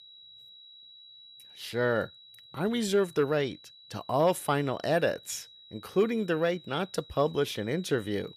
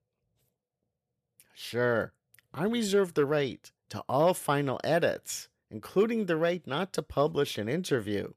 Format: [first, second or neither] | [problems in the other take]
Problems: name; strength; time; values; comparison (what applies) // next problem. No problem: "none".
second | high-pitched whine; faint; throughout; 4 kHz, 20 dB below the speech